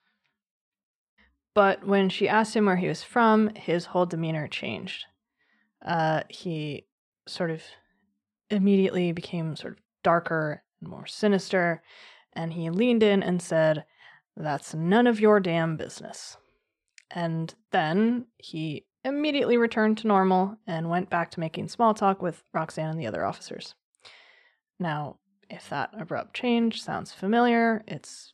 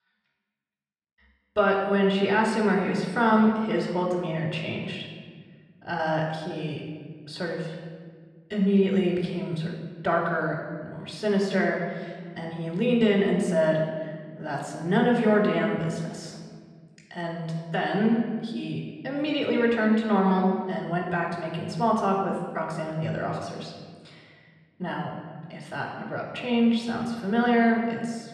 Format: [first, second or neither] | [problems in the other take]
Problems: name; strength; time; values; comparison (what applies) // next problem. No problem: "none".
first | off-mic speech; somewhat distant // room echo; noticeable; dies away in 1.4 s